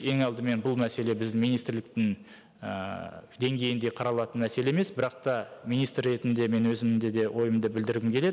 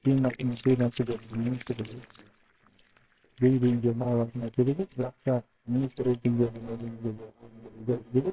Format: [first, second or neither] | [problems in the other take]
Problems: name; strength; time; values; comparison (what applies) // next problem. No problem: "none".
first | noise reduction (neural separator model SepFormer WHAMR!)